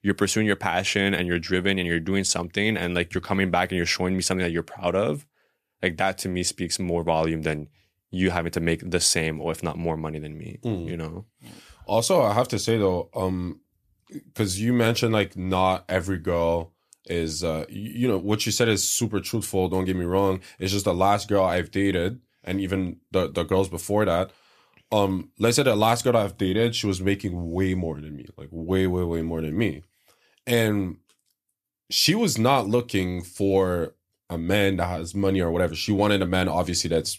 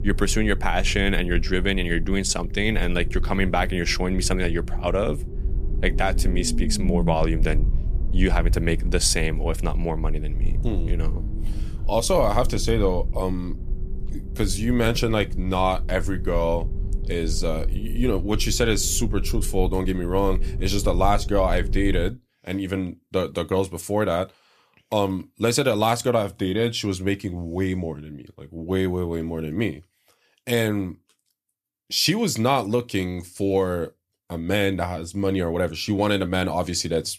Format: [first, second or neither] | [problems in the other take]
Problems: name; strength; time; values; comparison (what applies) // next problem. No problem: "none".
first | low rumble; noticeable; until 22 s; 20 dB below the speech